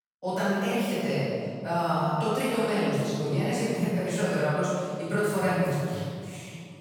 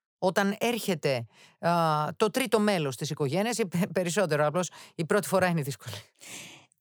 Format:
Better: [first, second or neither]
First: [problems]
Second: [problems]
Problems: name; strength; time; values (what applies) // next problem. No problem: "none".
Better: second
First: off-mic speech; far // room echo; strong; dies away in 1.9 s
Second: none